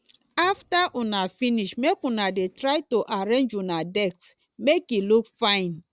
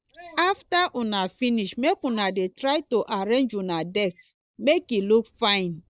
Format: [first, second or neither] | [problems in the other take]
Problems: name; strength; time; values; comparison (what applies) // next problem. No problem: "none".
first | noise reduction (neural mask model Resemble Enhance denoiser)